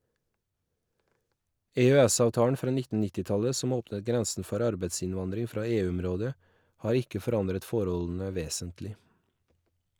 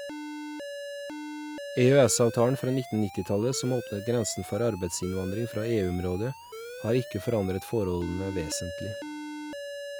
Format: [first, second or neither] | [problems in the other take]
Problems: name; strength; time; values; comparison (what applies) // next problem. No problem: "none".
first | background sound (Alarm); 11 dB below the speech